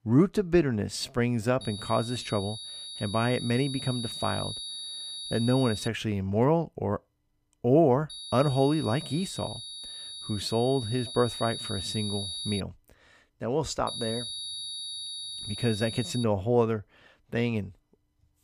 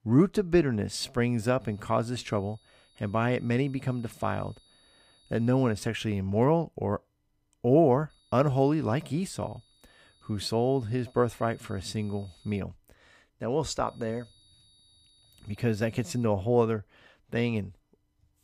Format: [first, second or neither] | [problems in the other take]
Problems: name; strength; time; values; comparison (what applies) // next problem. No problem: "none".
second | high-pitched whine; loud; from 1.5 to 6 s, from 8 to 13 s and from 14 to 16 s; 4 kHz, 8 dB below the speech; faint in the second